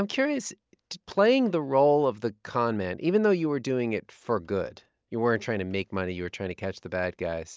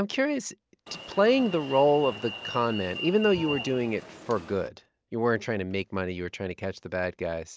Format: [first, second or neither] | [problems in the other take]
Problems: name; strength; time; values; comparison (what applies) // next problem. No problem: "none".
first | background sound (Alarm); 11 dB below the speech